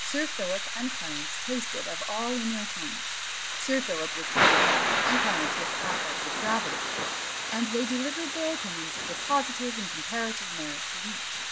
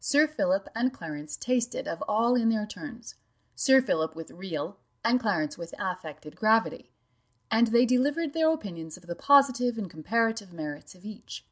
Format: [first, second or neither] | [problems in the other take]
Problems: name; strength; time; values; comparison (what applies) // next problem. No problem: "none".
second | background sound (Thunder / Rain); 4 dB above the speech